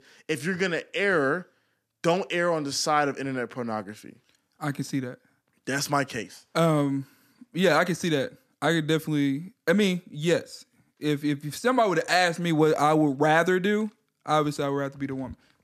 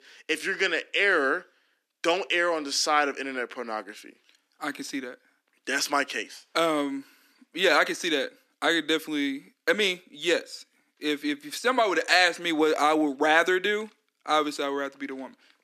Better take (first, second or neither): first